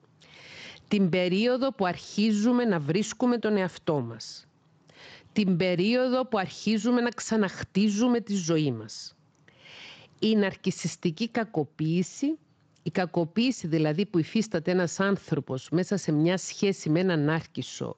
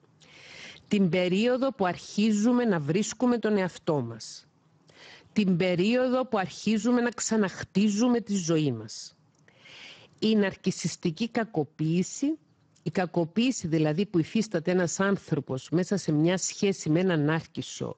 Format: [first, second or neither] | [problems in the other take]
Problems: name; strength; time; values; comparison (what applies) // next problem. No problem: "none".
first | garbled, watery; badly; nothing above 7.5 kHz; slightly in the first